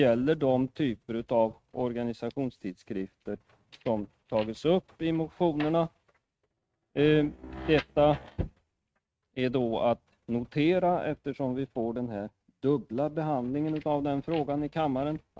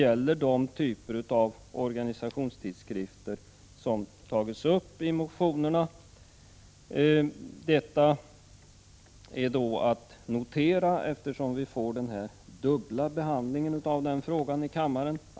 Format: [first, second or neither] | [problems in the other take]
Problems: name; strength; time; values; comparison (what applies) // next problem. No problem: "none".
second | noise reduction (neural mask model RNNoise)